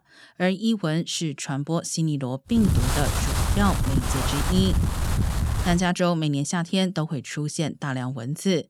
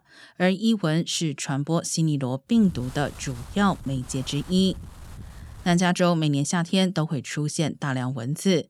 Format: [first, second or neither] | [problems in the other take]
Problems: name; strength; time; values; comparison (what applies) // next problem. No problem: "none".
second | wind noise on the microphone; heavy; from 2.5 to 6 s; 2 dB below the speech; occasional gusts in the second